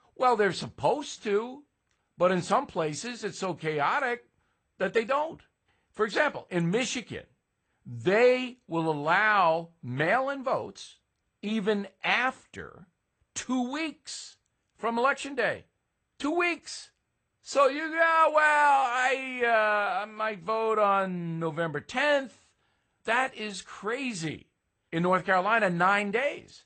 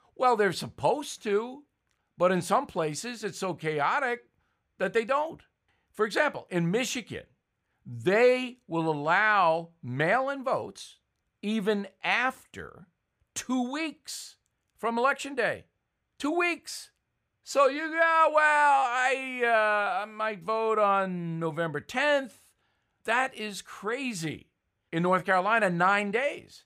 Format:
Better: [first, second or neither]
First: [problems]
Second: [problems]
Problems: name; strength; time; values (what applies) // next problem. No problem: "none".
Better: second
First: garbled, watery; slightly; nothing above 8.5 kHz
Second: none